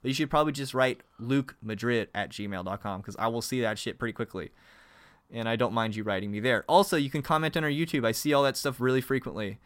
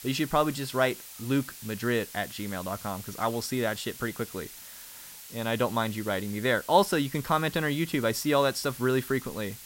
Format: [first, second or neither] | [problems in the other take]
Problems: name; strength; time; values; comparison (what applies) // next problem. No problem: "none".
first | hiss; noticeable; throughout; 15 dB below the speech